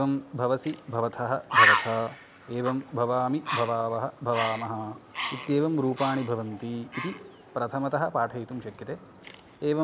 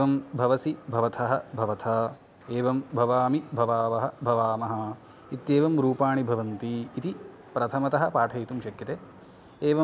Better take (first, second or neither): second